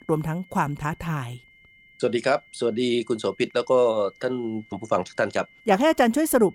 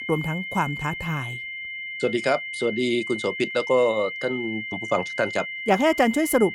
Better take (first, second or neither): first